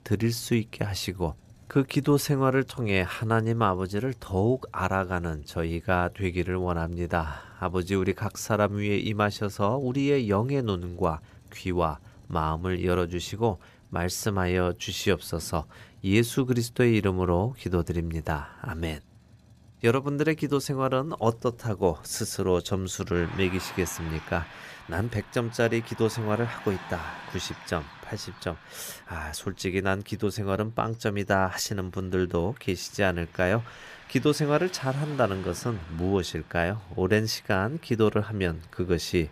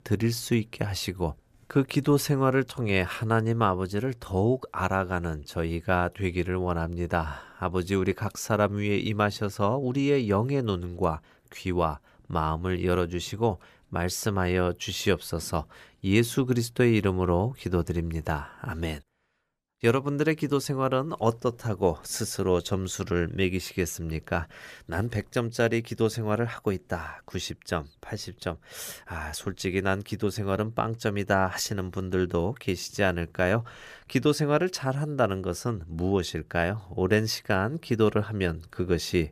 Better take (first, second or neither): second